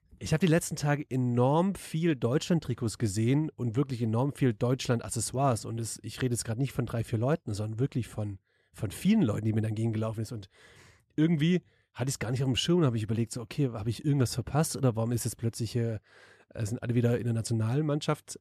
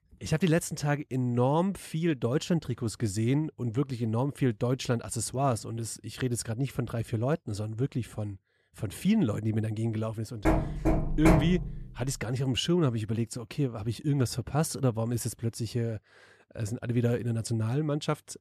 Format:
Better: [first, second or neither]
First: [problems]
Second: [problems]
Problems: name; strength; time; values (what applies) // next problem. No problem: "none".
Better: first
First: none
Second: door banging; loud; from 10 to 12 s; peak 5 dB above the speech